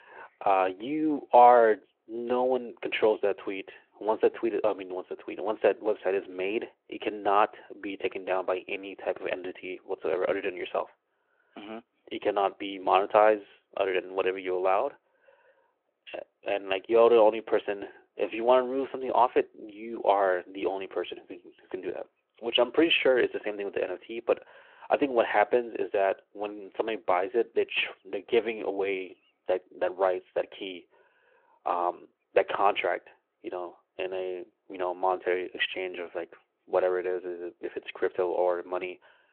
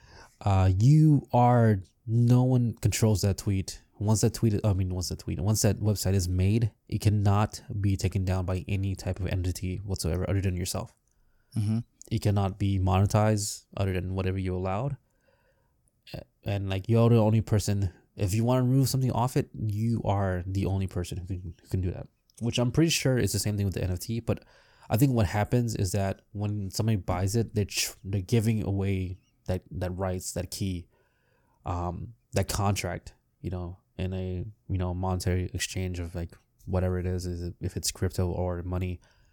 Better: second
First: phone-call audio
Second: none

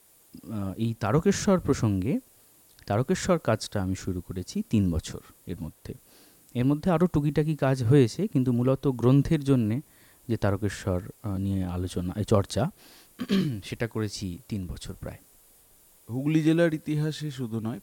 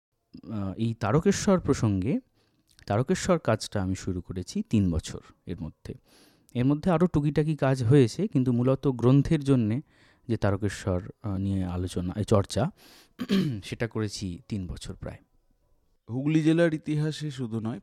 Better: second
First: hiss; faint; throughout; 30 dB below the speech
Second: none

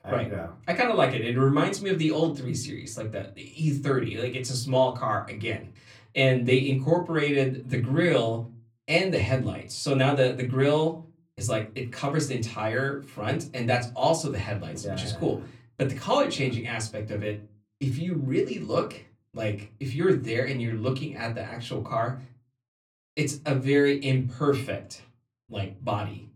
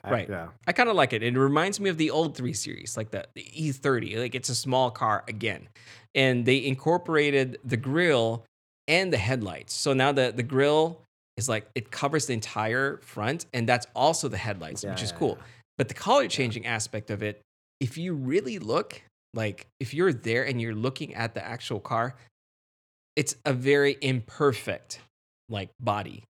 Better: second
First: off-mic speech; far // room echo; very slight; dies away in 0.3 s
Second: none

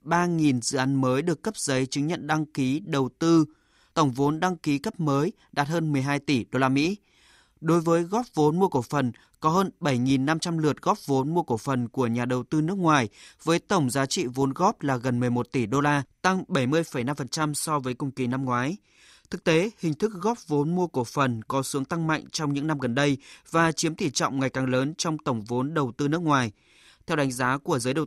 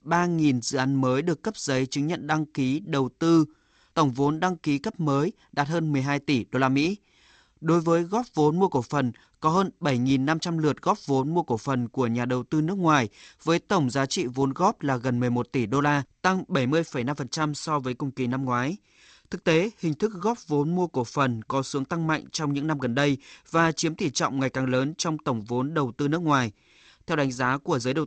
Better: first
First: none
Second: garbled, watery; slightly; nothing above 7.5 kHz

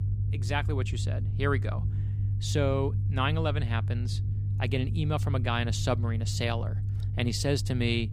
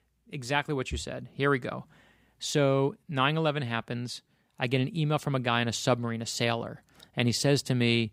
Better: second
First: low rumble; noticeable; throughout; 10 dB below the speech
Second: none

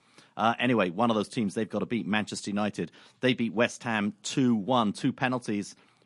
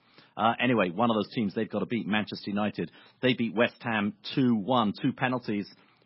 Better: first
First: garbled, watery; slightly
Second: garbled, watery; badly; nothing above 5.5 kHz

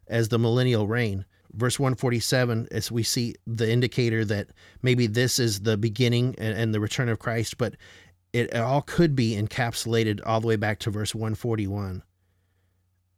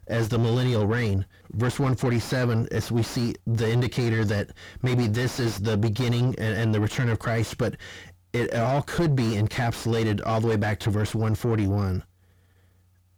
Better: first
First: none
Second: distortion; heavy; 6 dB below the speech

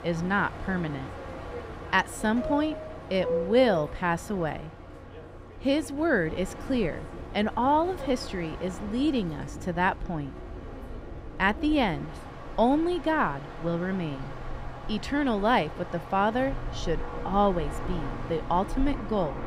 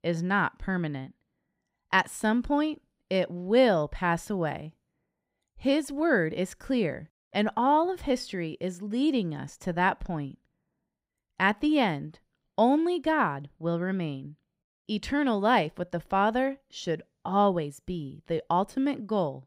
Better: second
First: train or aircraft noise; noticeable; throughout; 10 dB below the speech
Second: none

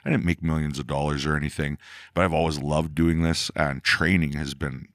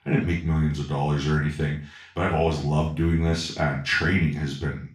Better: first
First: none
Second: room echo; noticeable; dies away in 0.3 s // off-mic speech; far

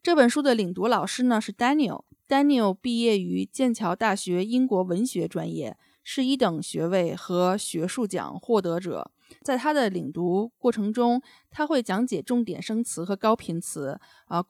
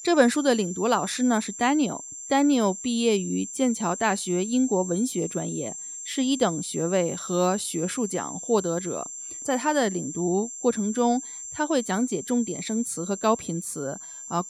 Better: first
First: none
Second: high-pitched whine; loud; throughout; 7.5 kHz, 9 dB below the speech

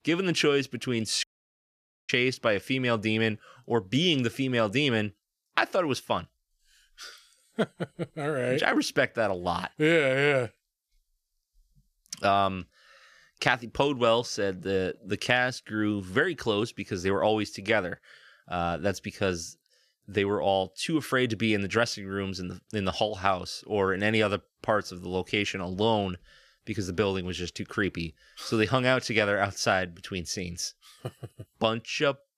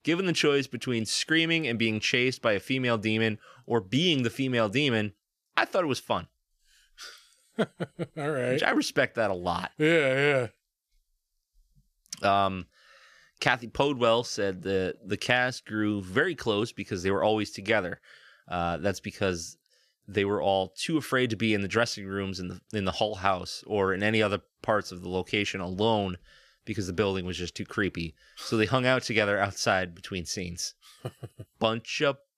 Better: second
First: audio cutting out; at 1 s for 1 s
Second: none

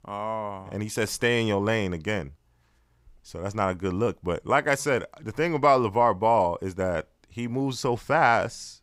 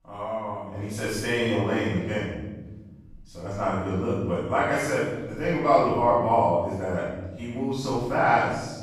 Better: first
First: none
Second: room echo; strong; dies away in 1.3 s // off-mic speech; far

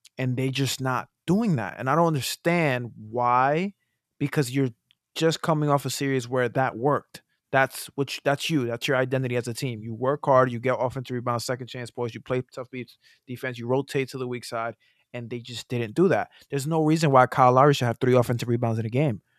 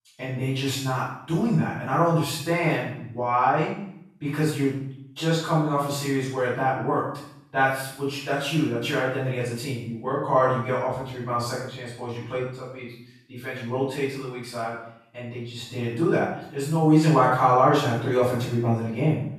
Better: first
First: none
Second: off-mic speech; far // room echo; strong; dies away in 0.6 s

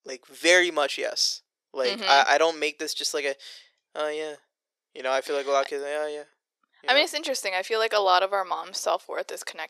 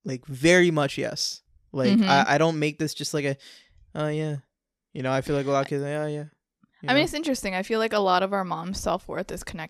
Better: second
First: thin; very; fading below 450 Hz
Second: none

